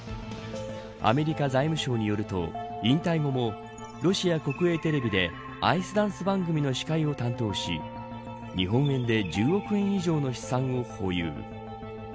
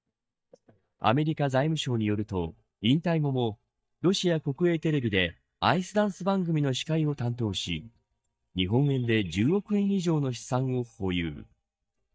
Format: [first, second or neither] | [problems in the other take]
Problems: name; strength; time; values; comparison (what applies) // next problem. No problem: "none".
first | noise reduction (neural mask model DeepFilterNet 3)